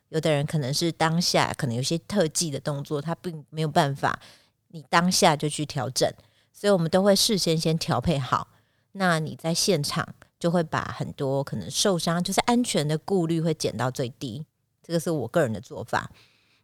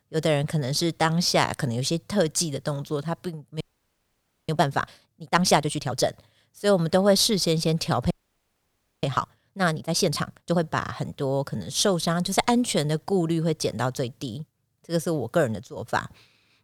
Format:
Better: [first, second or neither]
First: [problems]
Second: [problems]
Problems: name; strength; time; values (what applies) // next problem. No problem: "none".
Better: first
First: none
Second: audio freezing; at 3.5 s for 1 s and at 8 s for 1 s